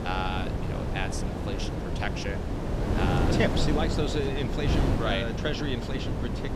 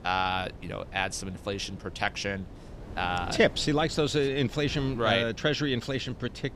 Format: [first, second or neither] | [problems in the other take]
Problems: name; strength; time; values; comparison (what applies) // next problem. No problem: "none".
second | wind noise on the microphone; heavy; 2 dB below the speech; occasional gusts in the second